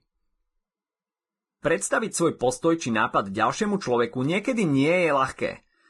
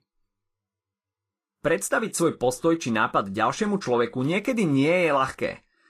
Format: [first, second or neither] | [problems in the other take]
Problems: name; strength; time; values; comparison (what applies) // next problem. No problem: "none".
second | garbled, watery; badly; nothing above 10.5 kHz; slightly in the second